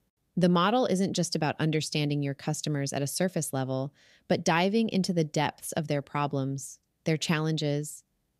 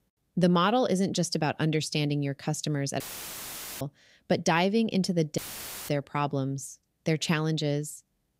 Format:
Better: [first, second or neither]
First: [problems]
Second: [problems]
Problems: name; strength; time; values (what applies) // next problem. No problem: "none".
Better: first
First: none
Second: audio cutting out; filled with static; at 3 s for 1 s and at 5.5 s for 0.5 s